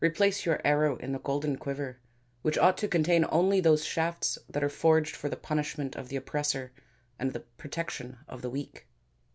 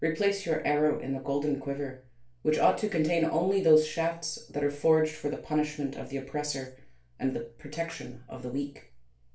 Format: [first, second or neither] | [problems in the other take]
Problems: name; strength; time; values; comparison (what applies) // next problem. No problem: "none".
first | room echo; dies away in 0.3 s